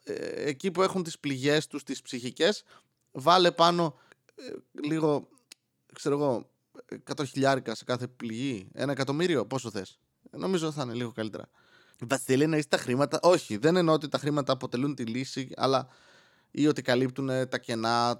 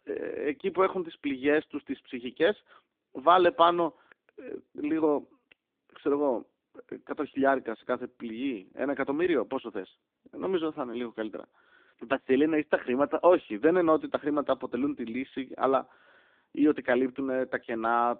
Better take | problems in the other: first | phone-call audio; nothing above 3.5 kHz

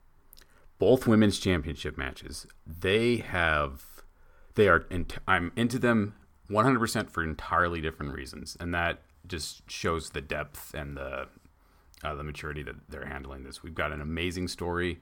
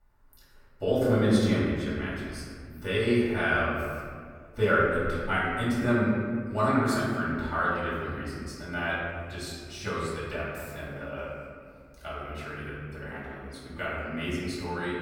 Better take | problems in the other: first | off-mic speech; far // room echo; noticeable; dies away in 1.9 s

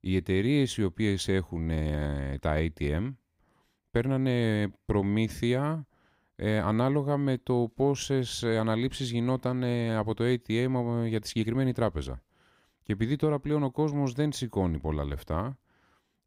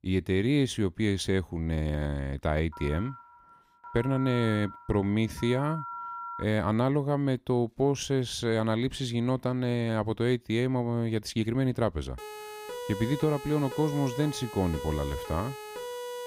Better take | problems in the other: first | phone ringing; noticeable; from 2.5 to 6.5 s; peak 8 dB below the speech // siren; noticeable; from 12 s on; peak 8 dB below the speech

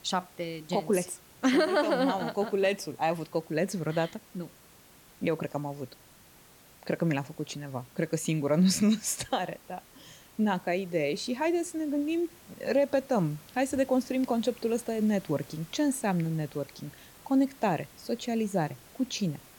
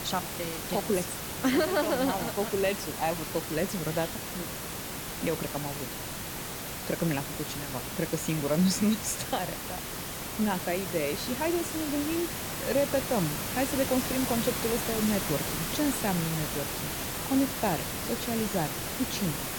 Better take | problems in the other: first | hiss; loud; throughout; 3 dB below the speech; faint in the first

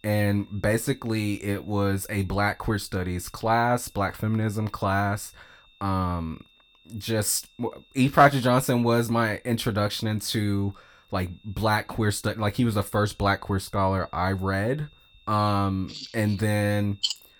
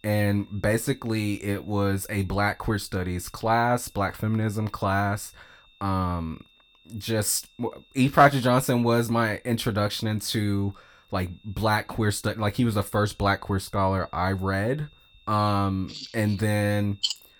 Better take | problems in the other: neither | high-pitched whine; faint; throughout; 3.5 kHz, 30 dB below the speech; the same in both

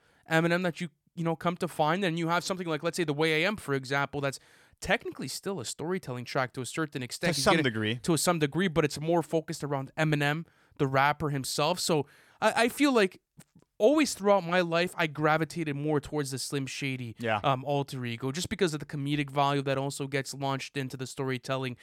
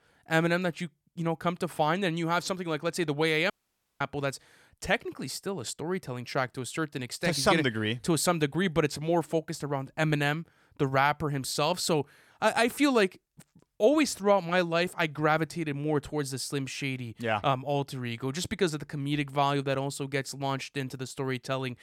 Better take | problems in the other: first | audio cutting out; at 3.5 s for 0.5 s

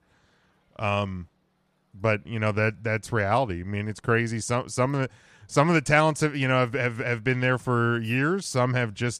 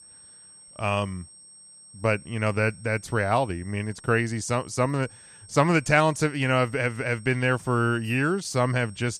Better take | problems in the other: first | high-pitched whine; faint; throughout; 8.5 kHz, 20 dB below the speech

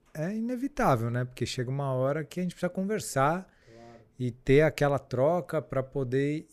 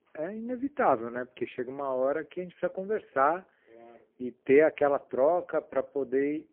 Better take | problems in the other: first | phone-call audio; poor line

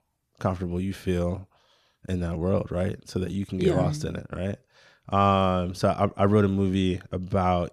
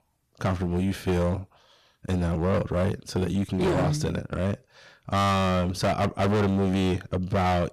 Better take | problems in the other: first | distortion; heavy; 18% of the sound clipped

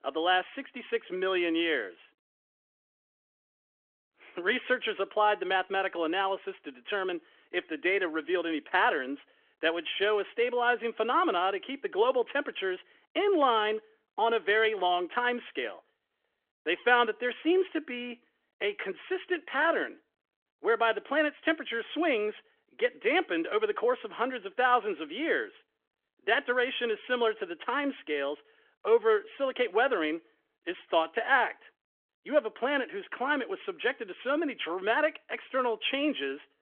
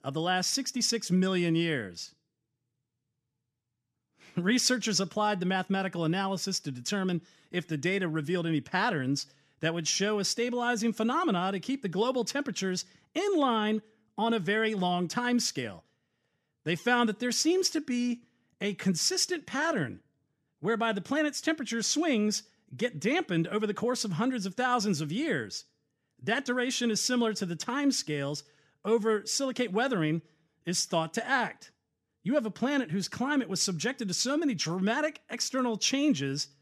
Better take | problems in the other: second | phone-call audio; nothing above 3.5 kHz

